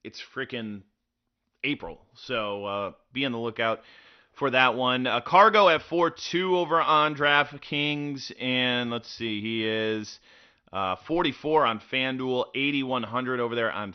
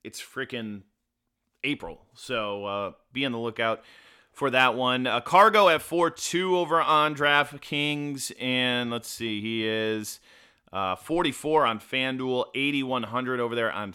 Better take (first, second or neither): second